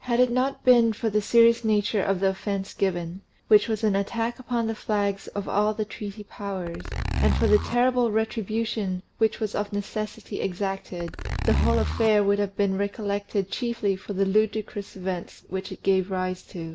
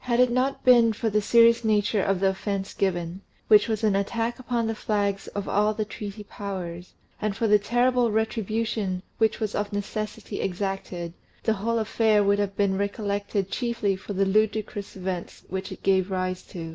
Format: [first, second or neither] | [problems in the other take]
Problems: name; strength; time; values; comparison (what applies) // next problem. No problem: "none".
second | background sound (Zipper (clothing)); 2 dB below the speech